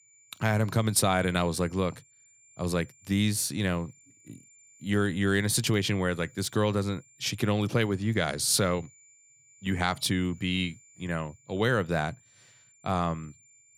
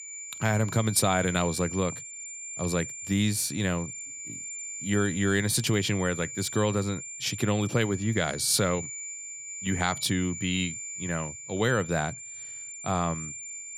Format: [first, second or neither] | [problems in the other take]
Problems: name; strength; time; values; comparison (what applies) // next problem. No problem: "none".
first | high-pitched whine; loud; throughout; 7 kHz, 9 dB below the speech; faint in the first